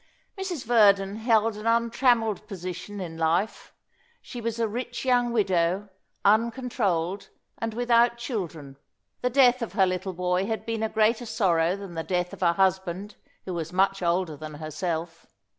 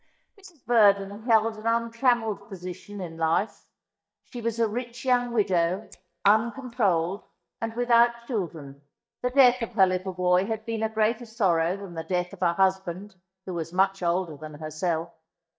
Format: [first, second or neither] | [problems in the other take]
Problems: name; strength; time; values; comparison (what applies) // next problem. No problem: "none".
first | noise reduction (neural mask model DeepFilterNet 3)